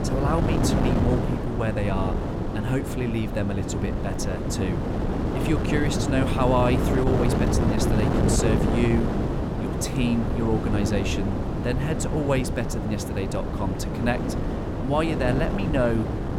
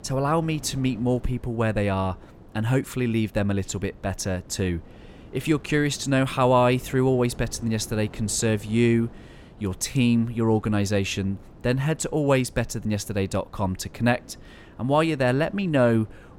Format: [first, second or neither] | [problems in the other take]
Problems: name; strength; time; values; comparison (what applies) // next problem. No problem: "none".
second | wind noise on the microphone; heavy; 1 dB below the speech; occasional gusts in the second